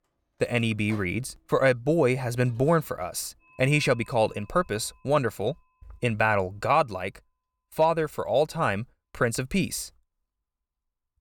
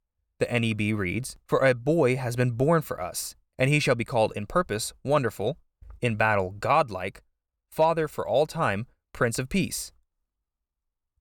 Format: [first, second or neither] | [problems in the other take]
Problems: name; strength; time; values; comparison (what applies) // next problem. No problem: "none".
second | household noises; faint; throughout; 30 dB below the speech